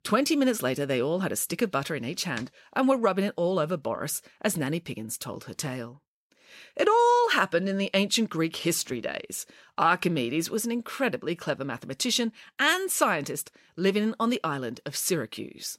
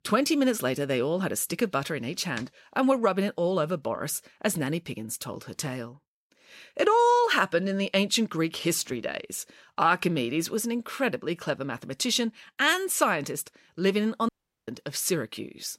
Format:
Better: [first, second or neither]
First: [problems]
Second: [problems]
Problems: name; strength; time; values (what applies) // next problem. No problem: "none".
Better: first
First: none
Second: audio cutting out; at 14 s